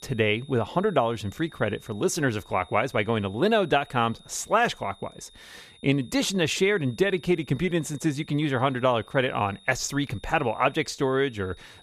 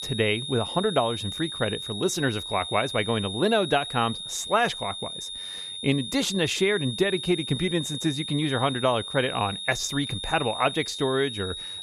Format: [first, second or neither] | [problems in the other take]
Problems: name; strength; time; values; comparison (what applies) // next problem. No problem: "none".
first | high-pitched whine; loud; throughout; 3.5 kHz, 6 dB below the speech; faint in the first